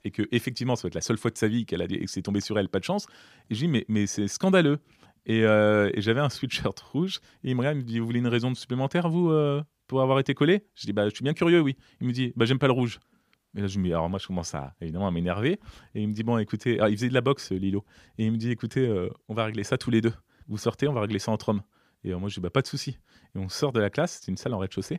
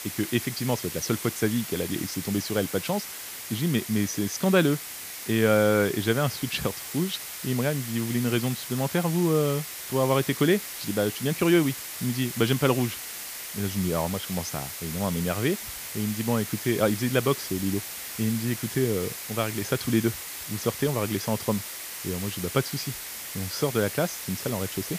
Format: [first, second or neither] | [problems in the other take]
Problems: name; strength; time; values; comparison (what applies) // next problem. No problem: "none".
first | hiss; loud; throughout; 7 dB below the speech